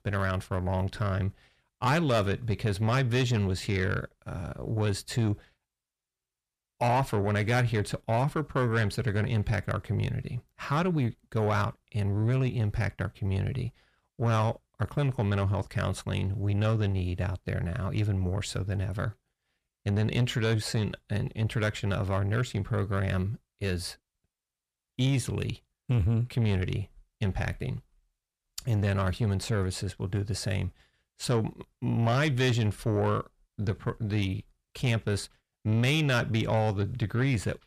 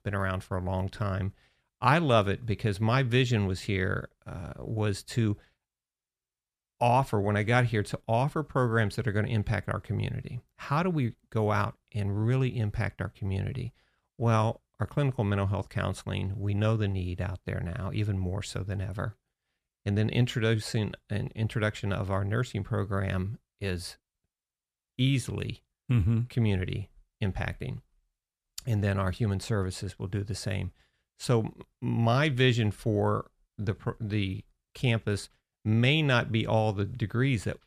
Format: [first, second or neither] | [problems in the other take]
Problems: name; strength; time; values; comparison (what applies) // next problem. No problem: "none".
second | distortion; slight; 10 dB below the speech